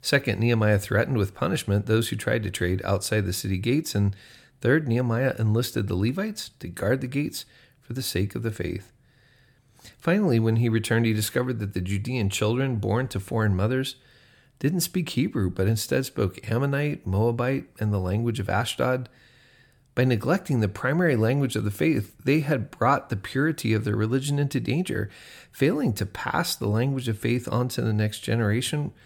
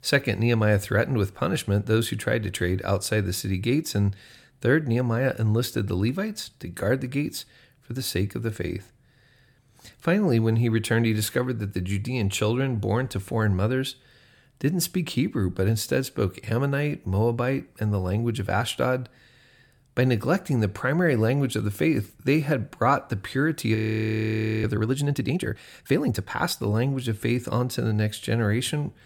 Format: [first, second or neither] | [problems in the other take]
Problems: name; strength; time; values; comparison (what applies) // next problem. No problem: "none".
first | audio freezing; at 24 s for 1 s